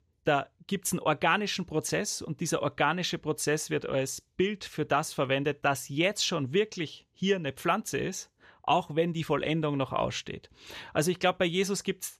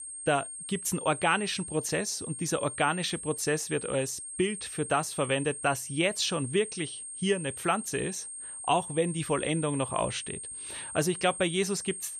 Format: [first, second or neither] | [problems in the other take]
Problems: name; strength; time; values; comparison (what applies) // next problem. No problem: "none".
first | high-pitched whine; loud; throughout; 8.5 kHz, 8 dB below the speech